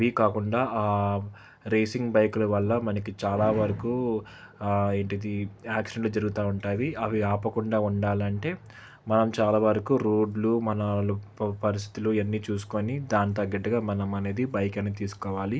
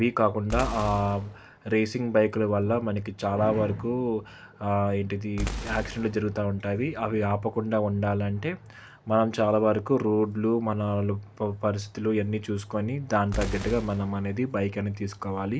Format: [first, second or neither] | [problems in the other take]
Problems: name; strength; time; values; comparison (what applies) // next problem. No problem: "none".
first | background sound (Boom); 10 dB below the speech